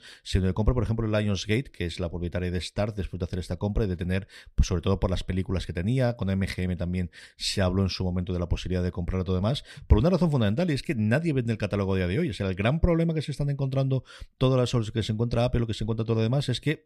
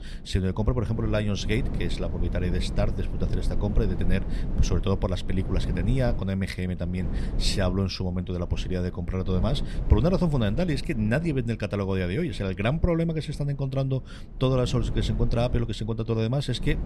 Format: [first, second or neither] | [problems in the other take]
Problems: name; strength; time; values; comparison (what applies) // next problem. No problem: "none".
first | low rumble; noticeable; throughout; 15 dB below the speech